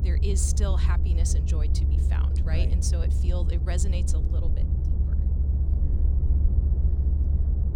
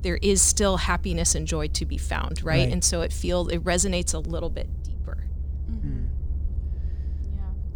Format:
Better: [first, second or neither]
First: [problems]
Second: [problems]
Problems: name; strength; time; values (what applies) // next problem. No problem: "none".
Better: second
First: low rumble; loud; throughout; 4 dB below the speech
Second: low rumble; faint; throughout; 25 dB below the speech